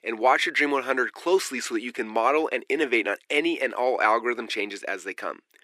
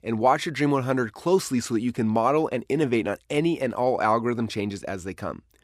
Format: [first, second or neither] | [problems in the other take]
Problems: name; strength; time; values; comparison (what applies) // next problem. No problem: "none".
second | thin; somewhat; fading below 350 Hz